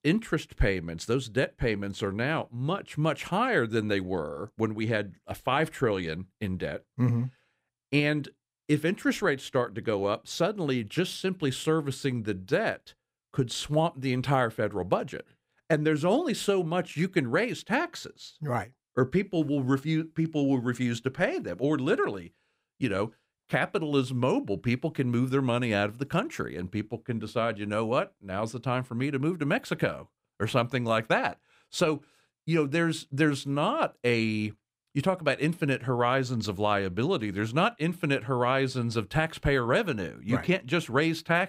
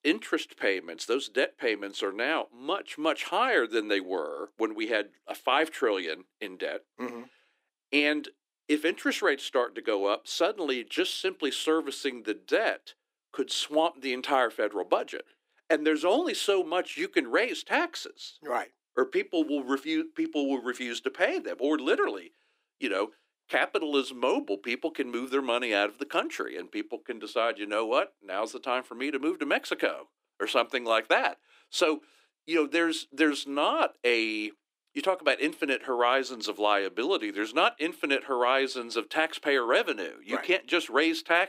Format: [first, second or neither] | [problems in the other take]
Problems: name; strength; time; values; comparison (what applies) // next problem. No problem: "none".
first | thin; somewhat; fading below 300 Hz